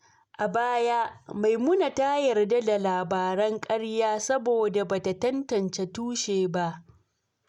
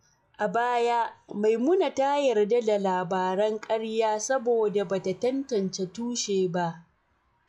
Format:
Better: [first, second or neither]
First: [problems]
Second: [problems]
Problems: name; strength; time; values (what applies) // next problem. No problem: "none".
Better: first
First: none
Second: noise reduction (classical method log-MMSE)